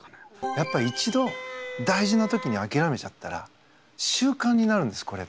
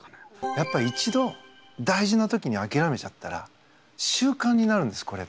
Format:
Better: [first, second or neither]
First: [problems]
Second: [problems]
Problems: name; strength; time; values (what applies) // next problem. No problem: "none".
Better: second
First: background sound (Wind instrument, woodwind instrument); 11 dB below the speech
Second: none